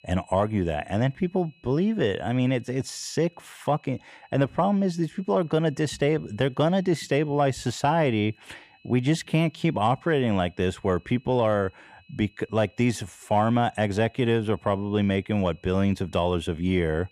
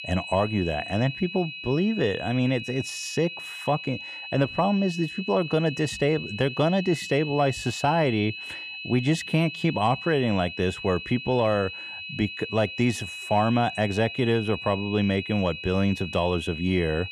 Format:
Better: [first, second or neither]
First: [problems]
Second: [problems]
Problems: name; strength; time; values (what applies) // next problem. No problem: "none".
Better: first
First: high-pitched whine; faint; throughout; 2.5 kHz, 30 dB below the speech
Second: high-pitched whine; loud; throughout; 2.5 kHz, 9 dB below the speech